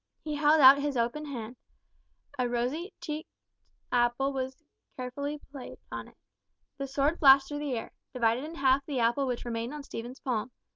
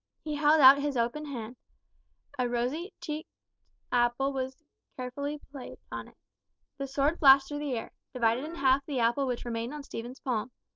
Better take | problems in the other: first | noise reduction (neural separator model SepFormer DNS4)

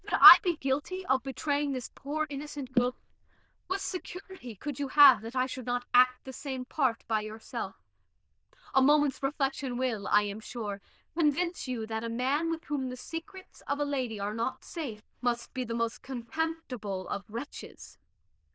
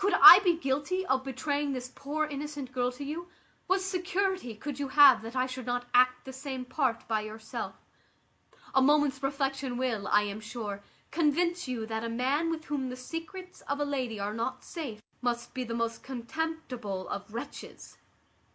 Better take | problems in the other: second | noise reduction (neural diffusion model UNIVERSE++)

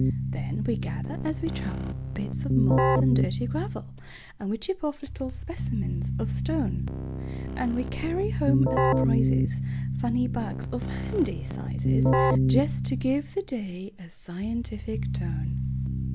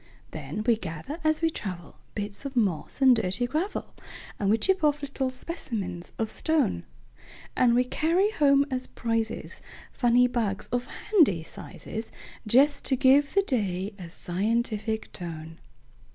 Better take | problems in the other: second | background sound (Keyboard (musical)); 5 dB above the speech

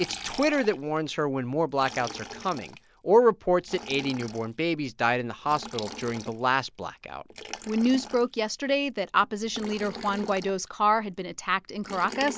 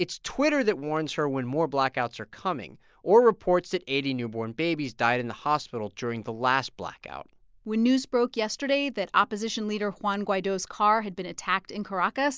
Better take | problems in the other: second | background sound (Liquid); 15 dB below the speech

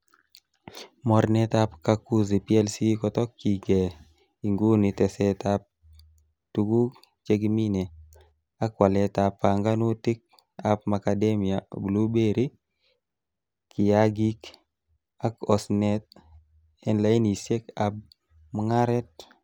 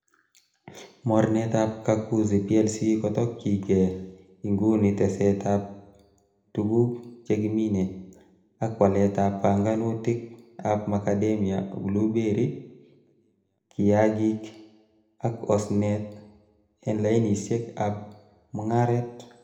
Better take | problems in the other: first | room echo; dies away in 0.7 s

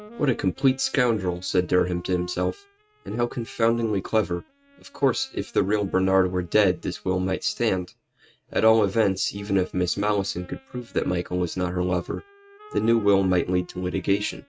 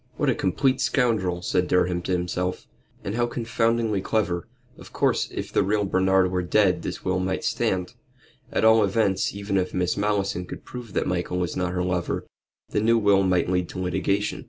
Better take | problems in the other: second | noise reduction (neural mask model RNNoise)

